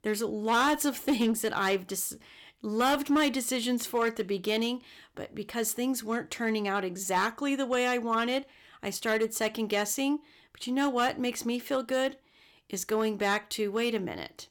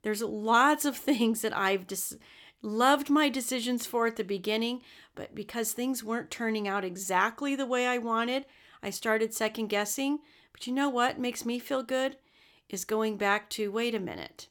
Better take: second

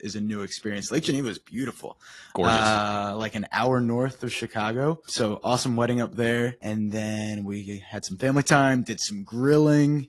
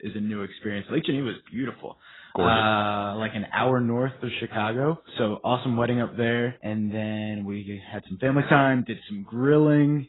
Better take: first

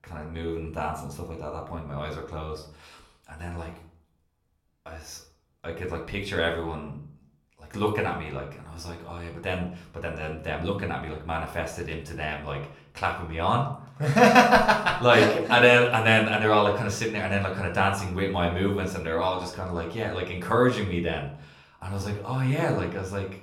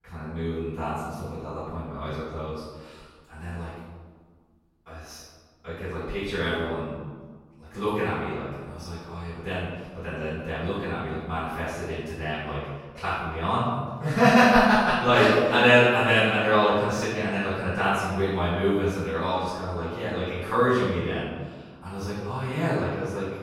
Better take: first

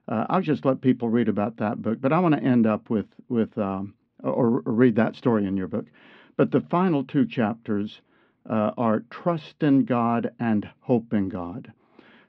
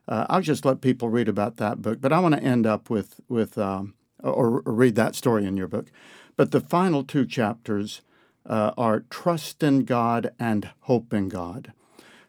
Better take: second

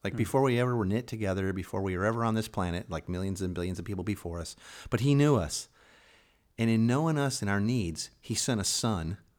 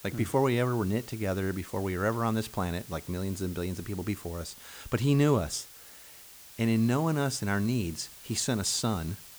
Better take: first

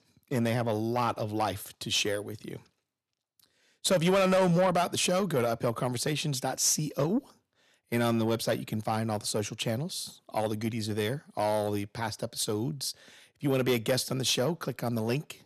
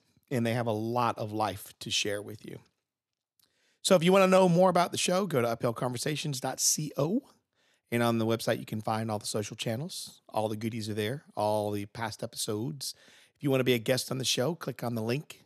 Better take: second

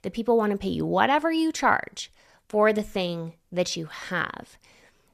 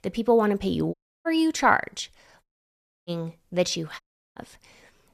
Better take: first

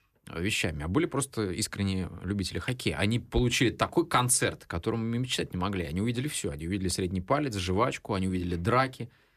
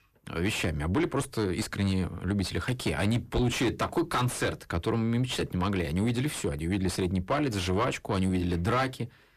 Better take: first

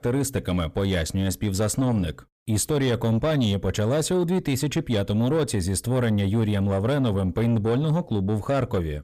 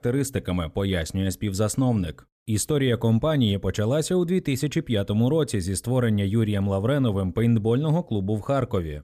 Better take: second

